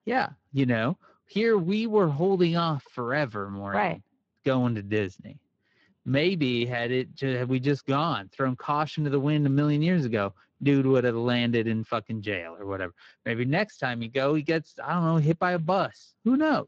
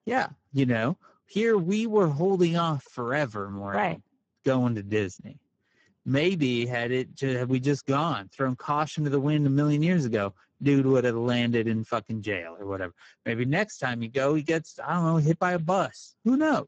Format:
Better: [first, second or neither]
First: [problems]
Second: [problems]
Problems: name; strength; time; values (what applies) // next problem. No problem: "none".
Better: first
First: garbled, watery; slightly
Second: garbled, watery; badly; nothing above 7.5 kHz